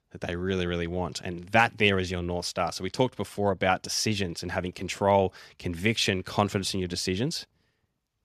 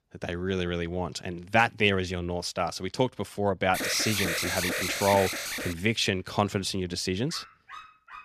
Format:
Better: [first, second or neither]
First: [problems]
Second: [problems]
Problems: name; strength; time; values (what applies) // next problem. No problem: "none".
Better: first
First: none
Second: alarm; loud; from 3.5 to 5.5 s; peak level with the speech // dog barking; faint; at 7.5 s; peak 15 dB below the speech